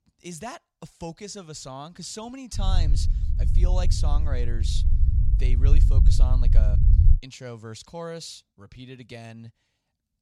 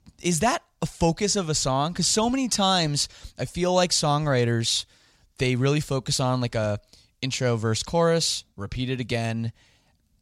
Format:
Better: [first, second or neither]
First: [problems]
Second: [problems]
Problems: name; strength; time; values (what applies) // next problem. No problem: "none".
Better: second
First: low rumble; loud; from 2.5 to 7 s; 4 dB below the speech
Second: none